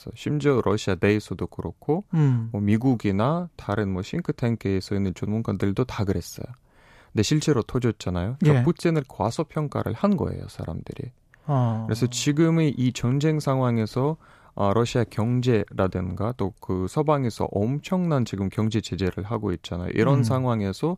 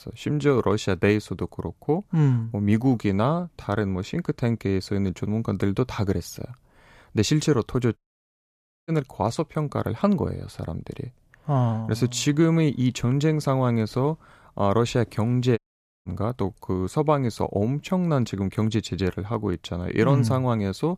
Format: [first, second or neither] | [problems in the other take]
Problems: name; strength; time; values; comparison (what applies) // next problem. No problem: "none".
first | audio cutting out; at 8 s for 1 s and at 16 s